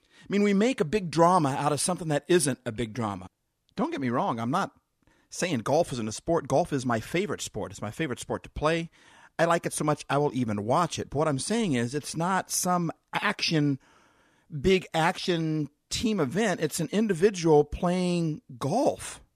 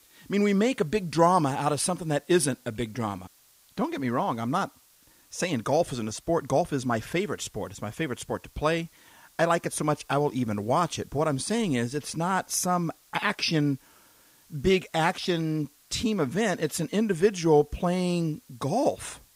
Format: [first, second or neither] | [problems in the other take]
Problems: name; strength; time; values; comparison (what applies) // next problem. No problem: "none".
first | hiss; faint; throughout; 30 dB below the speech